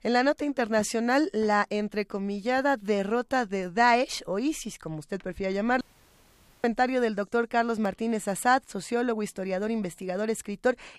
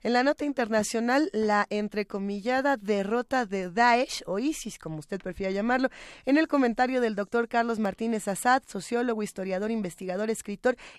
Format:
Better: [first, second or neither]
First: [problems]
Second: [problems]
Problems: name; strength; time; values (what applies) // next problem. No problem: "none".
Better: second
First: audio cutting out; at 6 s for 1 s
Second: none